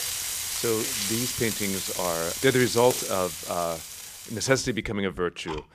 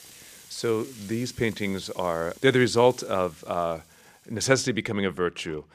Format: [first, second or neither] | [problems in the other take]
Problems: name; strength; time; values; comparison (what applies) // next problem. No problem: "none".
second | household noises; loud; throughout; 3 dB below the speech; faint in the second